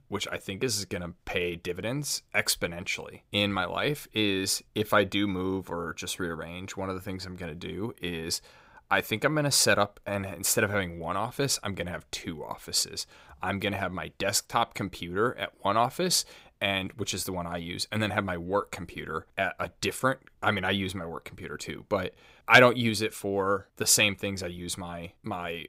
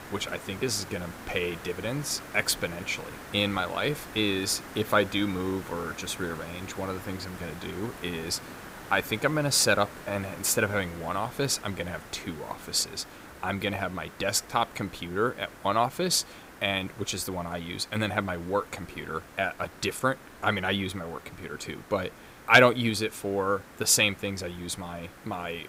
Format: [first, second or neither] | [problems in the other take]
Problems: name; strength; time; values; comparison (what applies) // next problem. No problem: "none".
first | hiss; noticeable; throughout; 15 dB below the speech